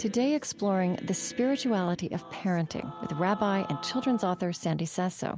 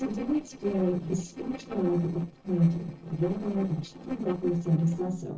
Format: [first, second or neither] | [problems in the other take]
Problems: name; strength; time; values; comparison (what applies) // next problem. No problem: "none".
first | noise reduction (neural separator model SepFormer DNS4)